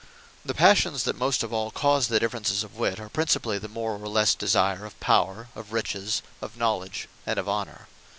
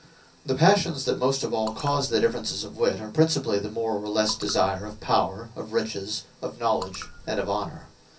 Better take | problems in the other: first | background sound (Raindrop / Drip); 17 dB below the speech // room echo; dies away in 0.3 s

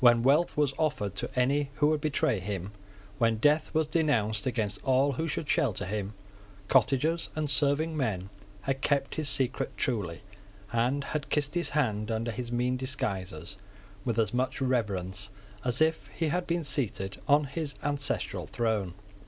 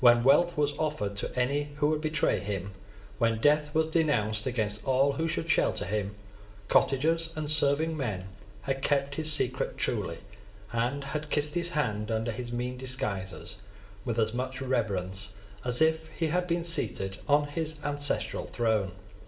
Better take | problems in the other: first | room echo; dies away in 0.5 s

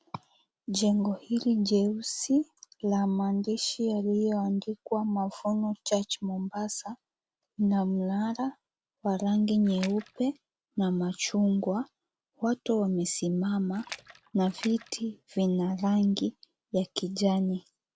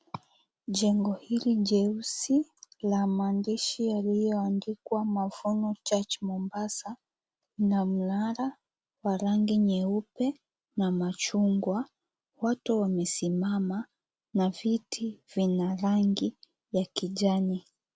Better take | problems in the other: second | background sound (Splash, splatter); 17 dB below the speech

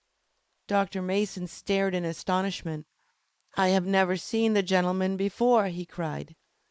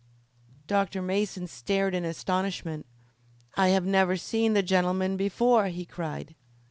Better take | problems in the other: second | noise reduction (neural mask model Resemble Enhance denoiser)

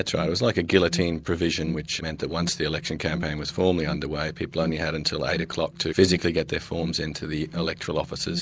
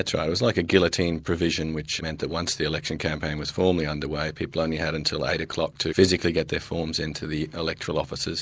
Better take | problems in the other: second | background sound (Alarm); 11 dB below the speech

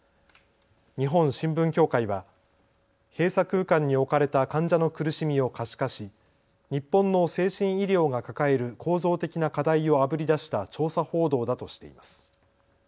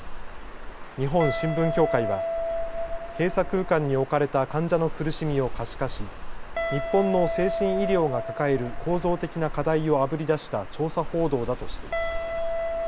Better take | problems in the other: first | background sound (Water + Guitar); 4 dB below the speech

